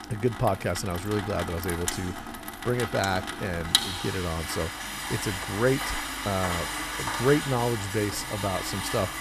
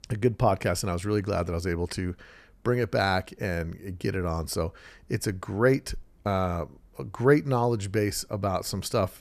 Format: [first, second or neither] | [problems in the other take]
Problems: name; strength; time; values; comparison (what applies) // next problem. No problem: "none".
second | household noises; loud; throughout; 2 dB below the speech